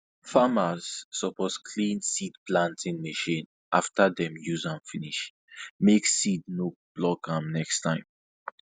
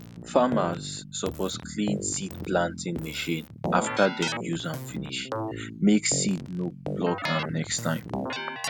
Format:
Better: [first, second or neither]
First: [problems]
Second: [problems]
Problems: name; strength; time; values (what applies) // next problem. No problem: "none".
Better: first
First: none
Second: background sound (Keyboard (musical)); 6 dB below the speech